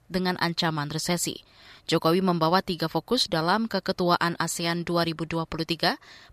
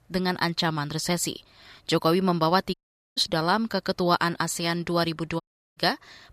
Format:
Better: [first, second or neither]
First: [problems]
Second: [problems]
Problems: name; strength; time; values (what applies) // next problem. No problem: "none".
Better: first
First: none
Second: audio cutting out; at 2.5 s and at 5.5 s